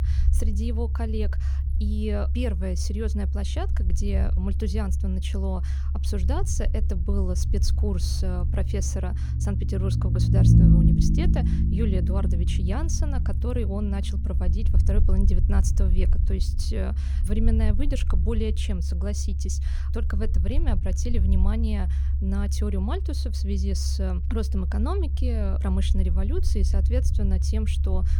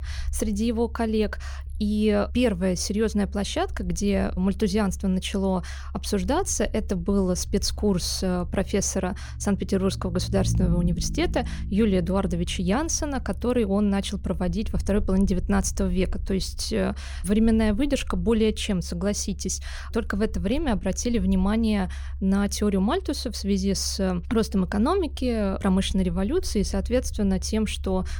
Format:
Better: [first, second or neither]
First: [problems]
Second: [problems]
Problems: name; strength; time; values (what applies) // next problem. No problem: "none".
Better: second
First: low rumble; loud; throughout; 4 dB below the speech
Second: low rumble; faint; throughout; 25 dB below the speech